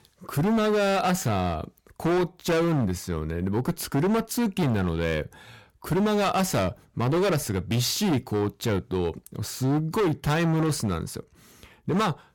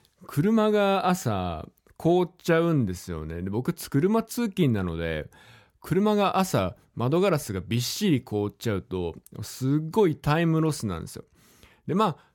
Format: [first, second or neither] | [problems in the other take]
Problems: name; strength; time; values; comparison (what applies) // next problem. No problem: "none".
second | distortion; heavy; 18% of the sound clipped